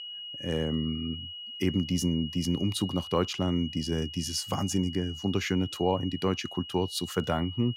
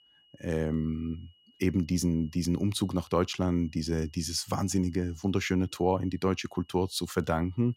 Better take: second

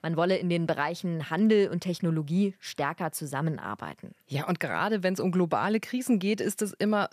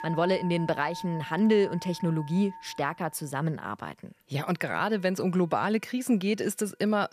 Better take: first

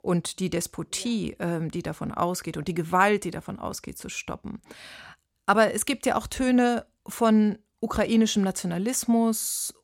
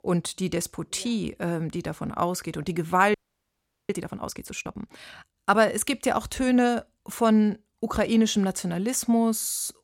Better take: first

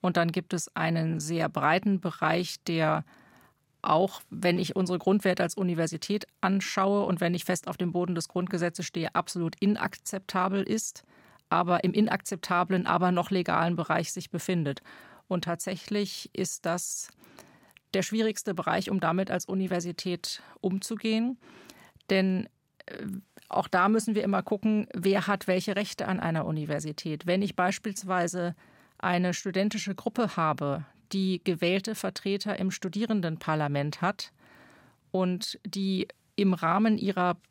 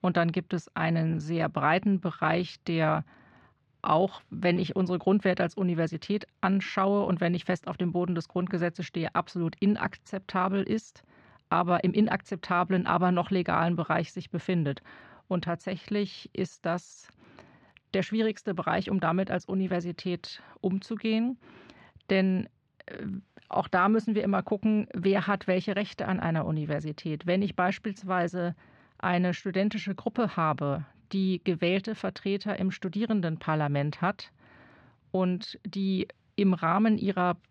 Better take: first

